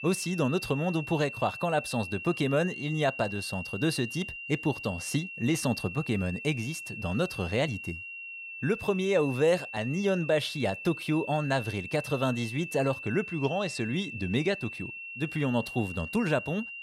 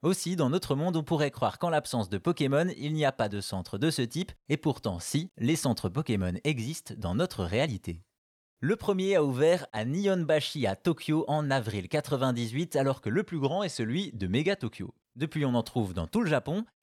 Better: second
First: high-pitched whine; loud; throughout; 2.5 kHz, 9 dB below the speech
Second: none

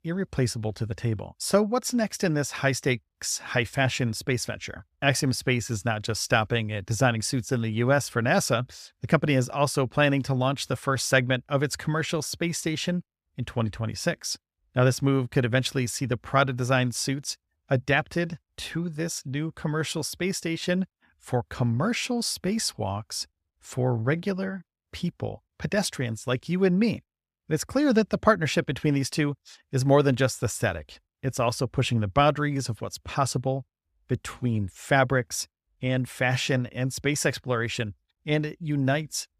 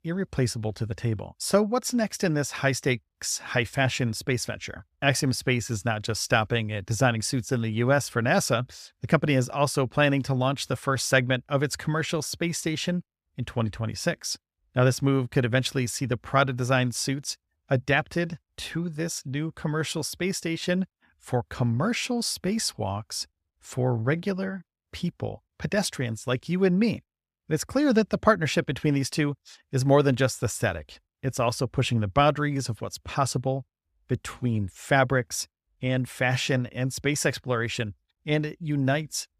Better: neither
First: none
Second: none

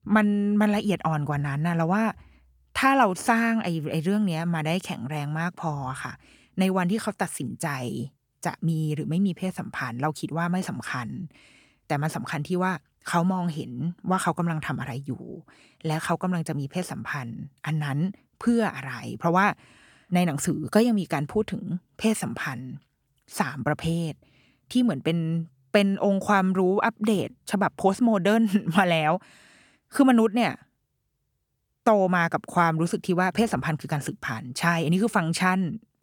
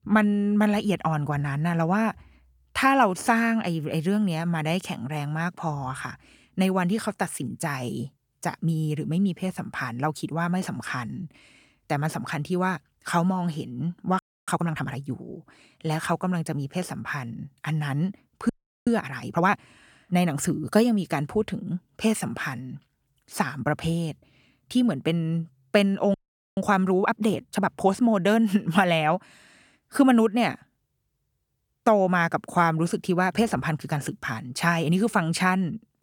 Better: first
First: none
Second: audio freezing; at 14 s, at 18 s and at 26 s

